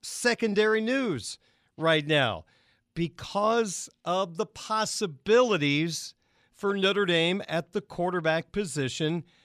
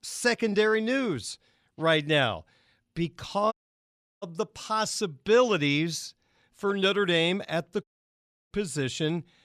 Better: first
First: none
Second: audio cutting out; at 3.5 s for 0.5 s and at 8 s for 0.5 s

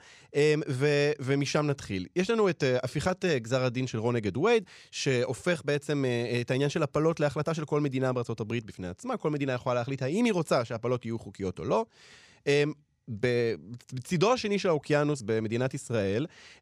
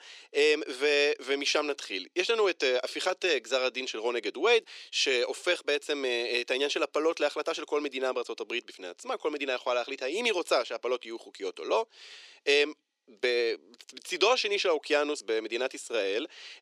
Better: first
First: none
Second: thin; somewhat; fading below 300 Hz

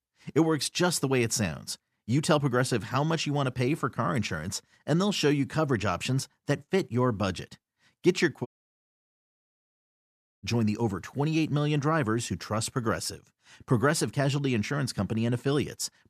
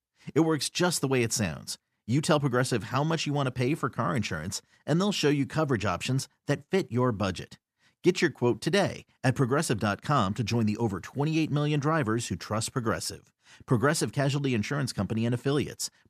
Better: second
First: audio cutting out; at 8.5 s for 2 s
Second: none

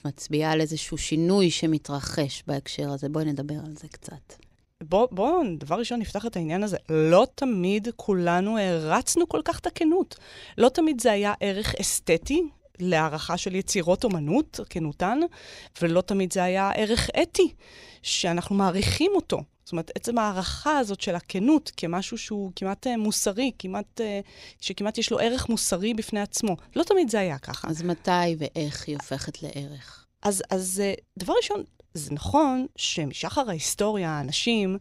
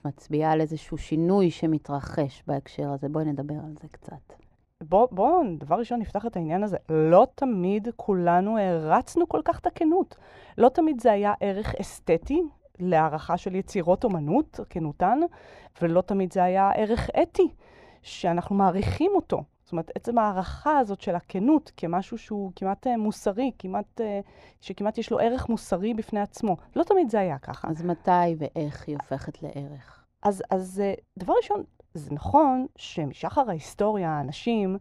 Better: first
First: none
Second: muffled; very; fading above 2.5 kHz

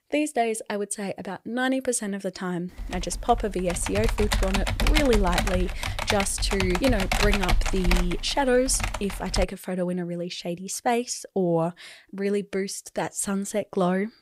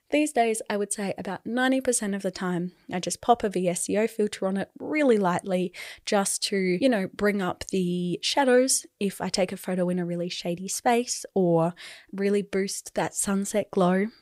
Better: second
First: keyboard typing; loud; from 3 to 9.5 s; peak 3 dB above the speech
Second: none

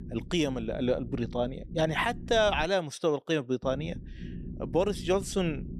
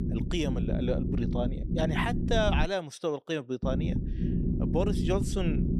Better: first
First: low rumble; faint; until 2.5 s and from 3.5 s on; 20 dB below the speech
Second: low rumble; loud; until 2.5 s and from 3.5 s on; 7 dB below the speech

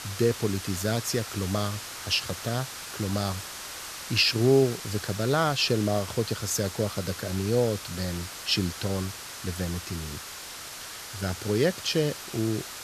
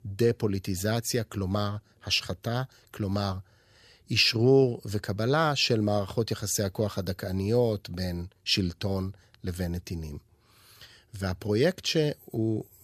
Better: second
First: hiss; loud; throughout; 9 dB below the speech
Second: none

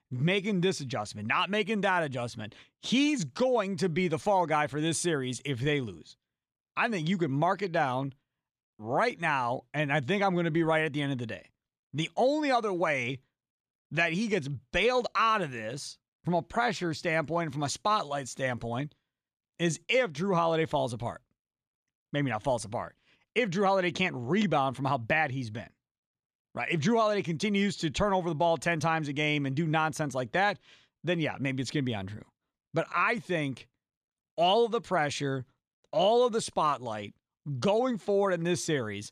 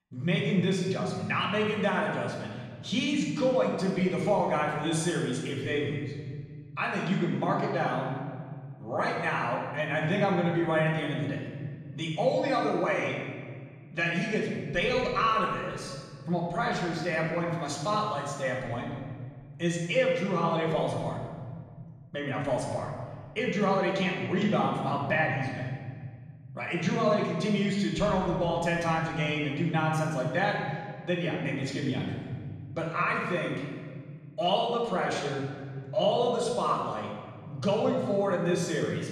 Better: first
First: none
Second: off-mic speech; far // room echo; noticeable; dies away in 1.9 s

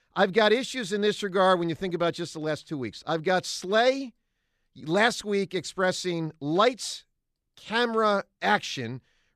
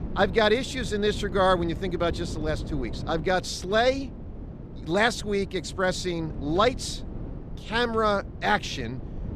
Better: first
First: none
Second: wind noise on the microphone; occasional gusts; 20 dB below the speech

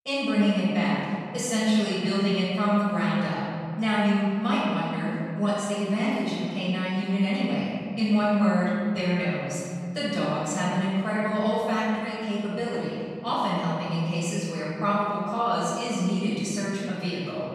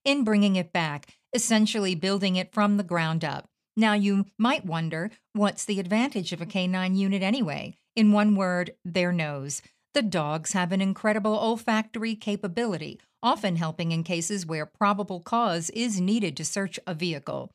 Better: second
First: off-mic speech; far // room echo; strong; dies away in 2.1 s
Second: none

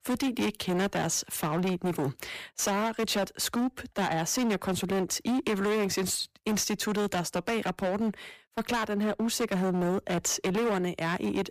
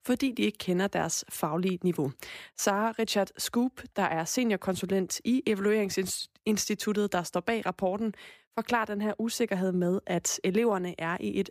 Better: second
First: distortion; heavy; 22% of the sound clipped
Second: none

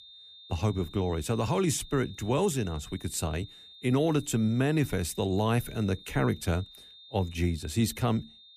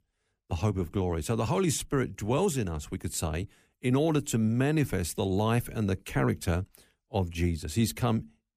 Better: second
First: high-pitched whine; noticeable; throughout; 3.5 kHz, 20 dB below the speech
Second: none

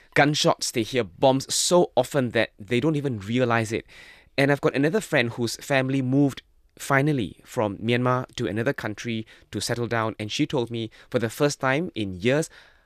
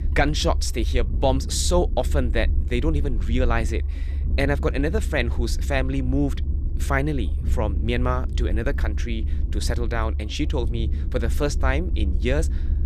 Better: first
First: none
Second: low rumble; noticeable; throughout; 15 dB below the speech

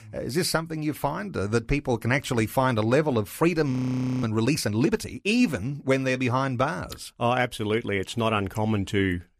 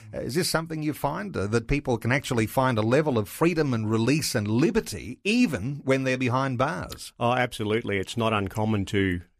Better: second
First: audio freezing; at 3.5 s for 0.5 s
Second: none

